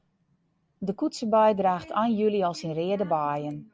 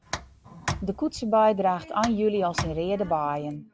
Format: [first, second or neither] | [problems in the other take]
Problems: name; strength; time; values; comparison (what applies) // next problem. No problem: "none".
first | background sound (Tick); 11 dB below the speech